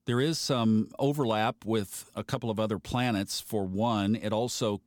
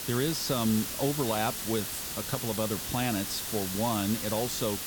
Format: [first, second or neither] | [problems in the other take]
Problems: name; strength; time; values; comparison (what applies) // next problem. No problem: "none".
first | hiss; loud; throughout; 2 dB below the speech